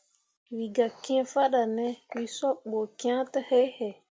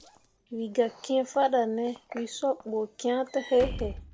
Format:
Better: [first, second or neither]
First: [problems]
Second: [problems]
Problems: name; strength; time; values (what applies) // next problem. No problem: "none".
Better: first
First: none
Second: background sound (Walk, footsteps / Slam); 15 dB below the speech